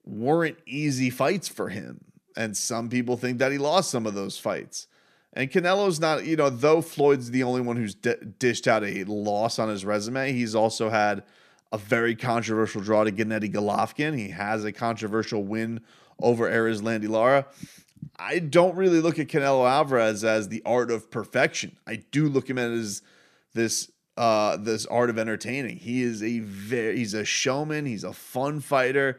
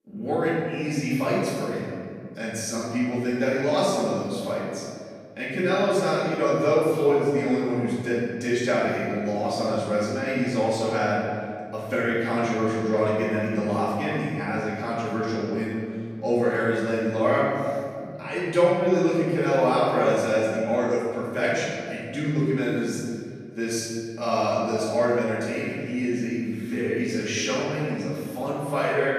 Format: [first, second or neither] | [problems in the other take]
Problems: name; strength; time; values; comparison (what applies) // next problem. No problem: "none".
first | room echo; strong; dies away in 2 s // off-mic speech; far